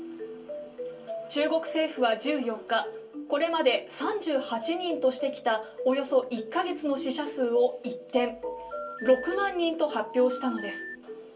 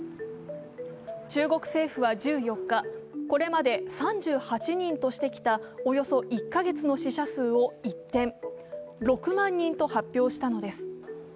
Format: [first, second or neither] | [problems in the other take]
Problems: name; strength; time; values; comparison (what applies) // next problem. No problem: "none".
second | background sound (Telephone); 12 dB below the speech // room echo; dies away in 0.2 s